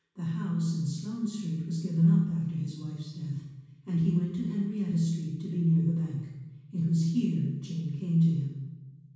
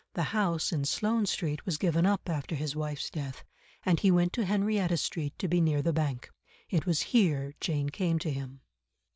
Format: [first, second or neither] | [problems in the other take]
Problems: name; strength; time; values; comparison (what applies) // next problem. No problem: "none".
second | room echo; dies away in 1.2 s